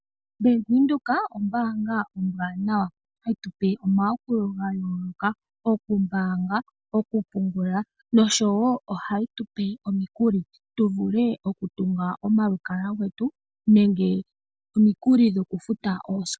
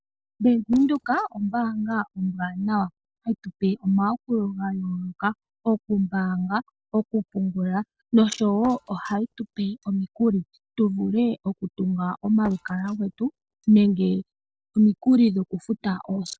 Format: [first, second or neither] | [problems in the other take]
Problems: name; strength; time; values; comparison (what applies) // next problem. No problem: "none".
first | noise reduction (neural separator model SepFormer DNS4)